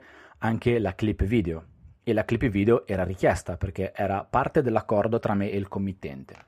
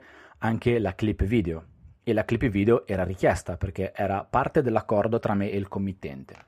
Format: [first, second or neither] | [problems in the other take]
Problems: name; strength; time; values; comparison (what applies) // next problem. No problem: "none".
neither | muffled; slightly; fading above 3 kHz; the same in both